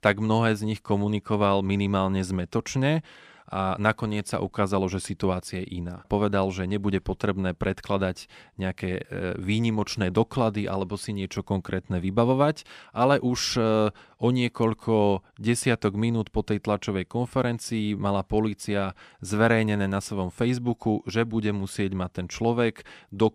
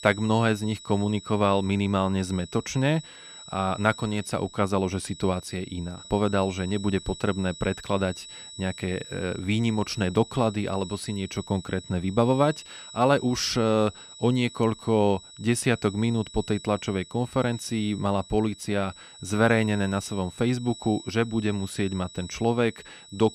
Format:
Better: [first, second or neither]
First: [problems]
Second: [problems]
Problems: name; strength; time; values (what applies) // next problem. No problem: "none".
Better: first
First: none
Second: high-pitched whine; noticeable; throughout; 4 kHz, 15 dB below the speech